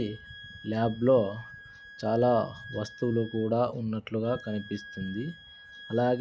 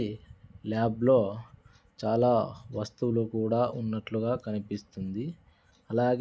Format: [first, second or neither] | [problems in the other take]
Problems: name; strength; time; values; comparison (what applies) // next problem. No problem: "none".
second | background sound (Wind instrument, woodwind instrument); 19 dB below the speech